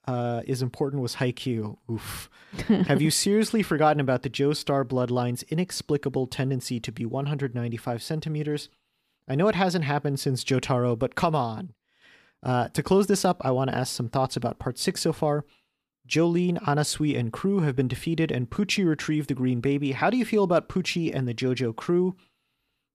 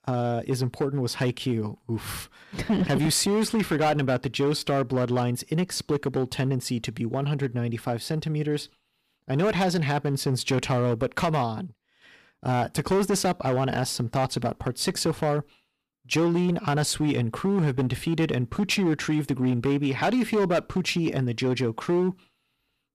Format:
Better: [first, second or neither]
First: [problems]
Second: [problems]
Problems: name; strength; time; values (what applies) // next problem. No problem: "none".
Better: first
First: none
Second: distortion; slight; 9% of the sound clipped